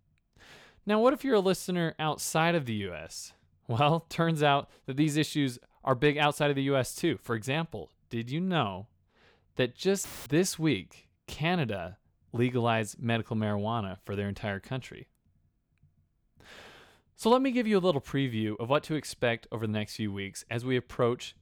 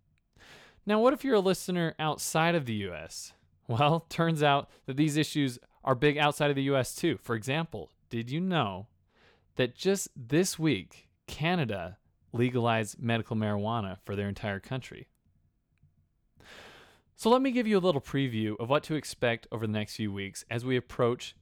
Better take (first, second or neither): second